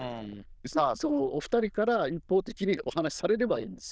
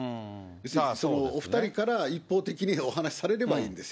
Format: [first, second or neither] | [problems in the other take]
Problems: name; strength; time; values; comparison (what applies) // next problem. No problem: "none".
second | noise reduction (neural diffusion model UNIVERSE++)